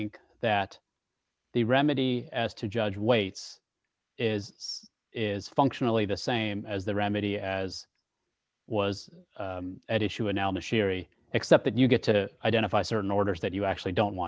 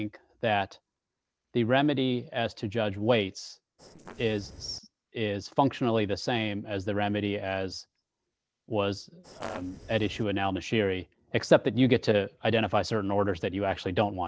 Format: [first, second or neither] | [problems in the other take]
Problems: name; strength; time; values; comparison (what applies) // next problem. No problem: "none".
first | noise reduction (neural separator model SepFormer DNS4)